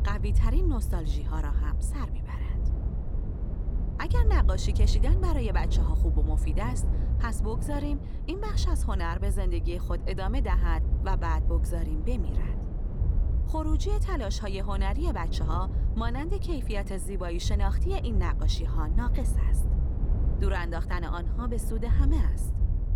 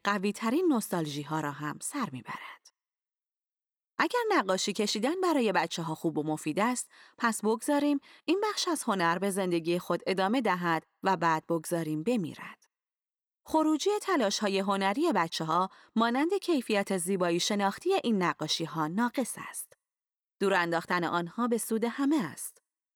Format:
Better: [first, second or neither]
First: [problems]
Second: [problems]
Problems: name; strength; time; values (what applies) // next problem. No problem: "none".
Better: second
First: low rumble; loud; throughout; 9 dB below the speech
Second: none